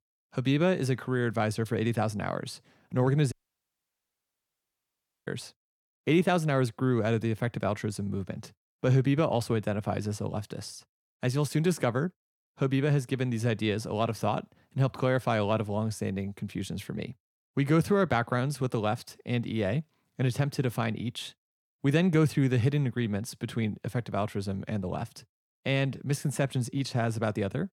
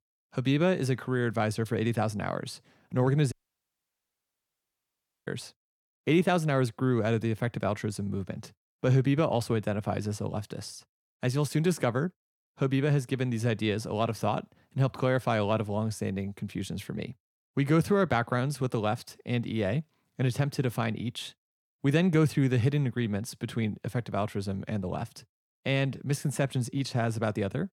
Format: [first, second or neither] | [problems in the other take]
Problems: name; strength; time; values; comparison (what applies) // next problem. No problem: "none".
neither | audio cutting out; at 3.5 s for 2 s; the same in both